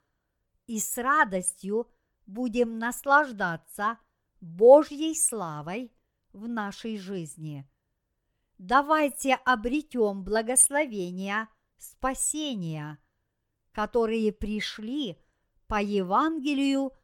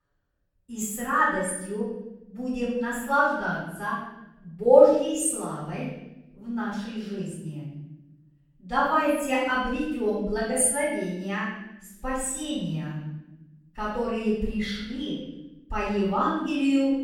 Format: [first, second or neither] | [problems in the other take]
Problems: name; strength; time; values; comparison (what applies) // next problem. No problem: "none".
first | off-mic speech; far // room echo; strong; dies away in 1 s